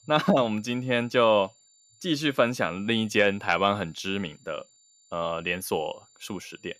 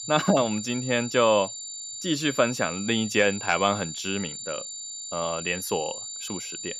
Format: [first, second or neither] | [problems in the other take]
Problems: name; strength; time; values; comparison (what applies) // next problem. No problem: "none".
first | high-pitched whine; loud; throughout; 7 kHz, 8 dB below the speech; faint in the first